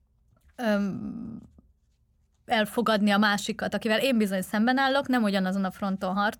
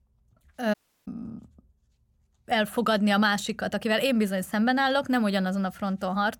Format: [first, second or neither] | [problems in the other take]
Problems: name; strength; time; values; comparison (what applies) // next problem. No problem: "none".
first | audio cutting out; at 0.5 s